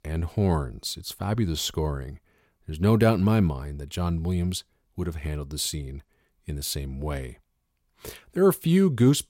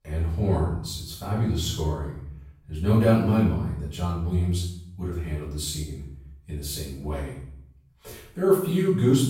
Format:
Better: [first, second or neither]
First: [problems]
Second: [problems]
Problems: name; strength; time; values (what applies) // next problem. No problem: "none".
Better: first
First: none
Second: off-mic speech; far // room echo; noticeable; dies away in 0.6 s